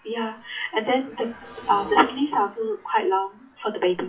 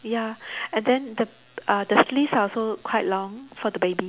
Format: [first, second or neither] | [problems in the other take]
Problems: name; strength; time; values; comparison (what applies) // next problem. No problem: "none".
second | noise reduction (classical method WPE with log-MMSE)